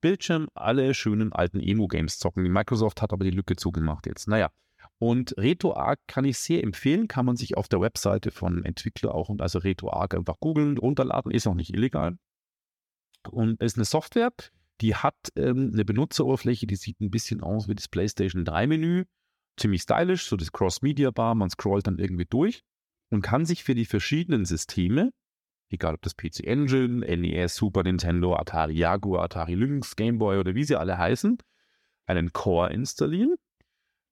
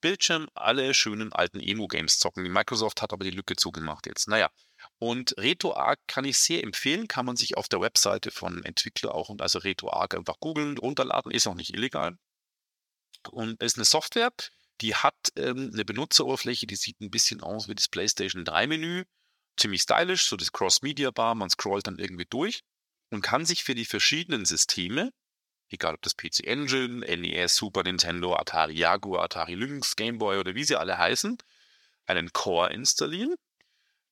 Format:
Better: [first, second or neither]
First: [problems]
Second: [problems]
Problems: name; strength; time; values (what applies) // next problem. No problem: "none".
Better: first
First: none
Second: thin; somewhat; fading below 1 kHz